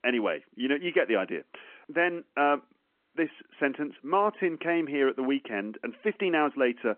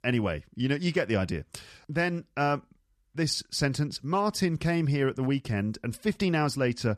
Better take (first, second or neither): second